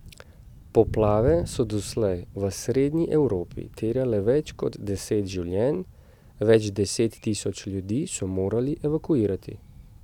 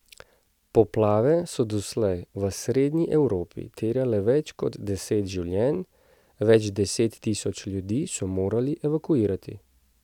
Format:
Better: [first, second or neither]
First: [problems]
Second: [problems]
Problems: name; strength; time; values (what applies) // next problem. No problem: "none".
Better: second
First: background sound (Thunder); 16 dB below the speech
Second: none